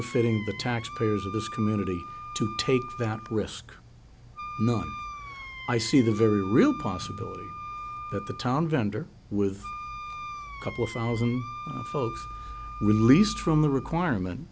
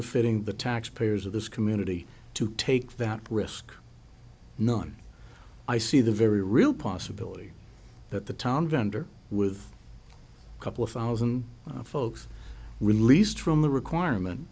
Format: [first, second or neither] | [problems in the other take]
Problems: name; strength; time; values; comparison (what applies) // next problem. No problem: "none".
second | background sound (Wind instrument, woodwind instrument); 12 dB below the speech